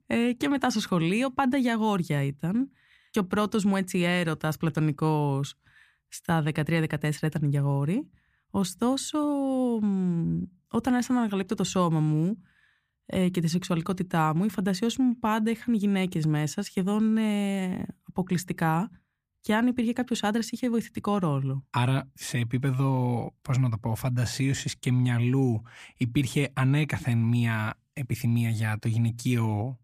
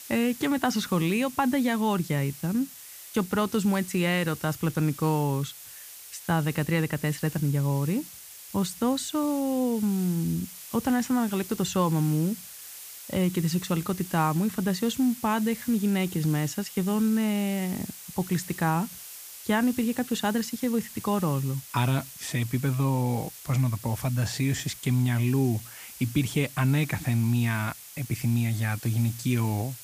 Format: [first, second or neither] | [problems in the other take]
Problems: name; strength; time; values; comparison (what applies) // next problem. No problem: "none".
first | hiss; noticeable; throughout; 15 dB below the speech